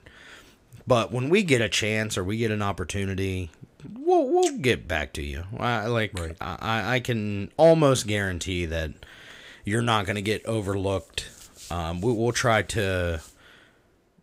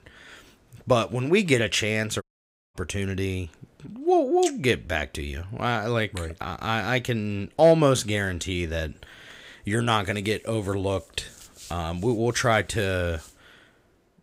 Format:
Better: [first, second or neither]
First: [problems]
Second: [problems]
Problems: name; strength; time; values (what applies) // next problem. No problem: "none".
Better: first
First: none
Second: audio cutting out; at 2 s for 0.5 s